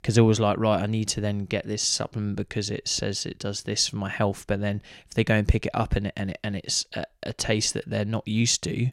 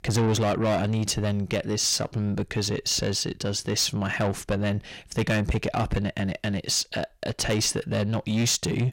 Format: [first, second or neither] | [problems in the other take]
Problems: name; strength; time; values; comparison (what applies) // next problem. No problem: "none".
first | distortion; heavy; 7 dB below the speech